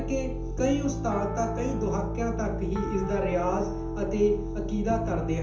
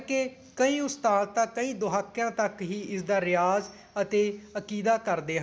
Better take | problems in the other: second | background sound (Piano); 2 dB below the speech // room echo; dies away in 0.6 s

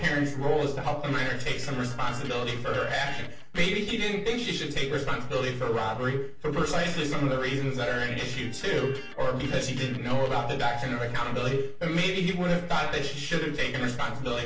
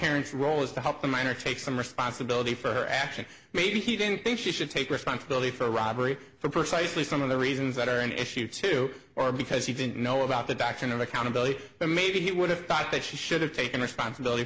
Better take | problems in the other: second | noise reduction (neural separator model SepFormer DNS4)

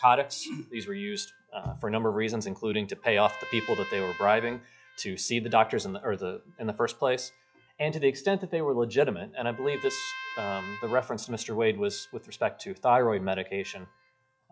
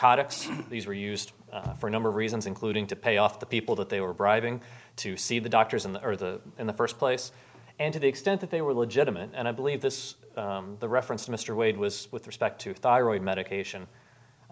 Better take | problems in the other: second | noise reduction (classical method log-MMSE)

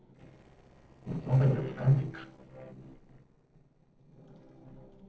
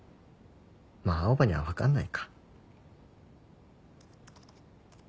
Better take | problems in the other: second | noise reduction (neural separator model SepFormer DNS4)

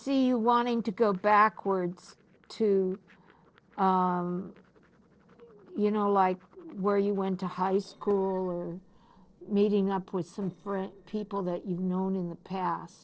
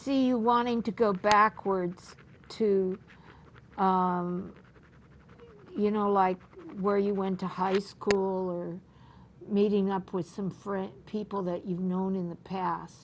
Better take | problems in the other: second | noise reduction (neural separator model SepFormer DNS4)

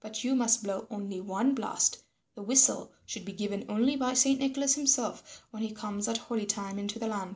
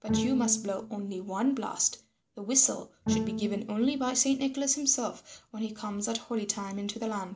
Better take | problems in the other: first | background sound (Bowed string instrument); 6 dB below the speech

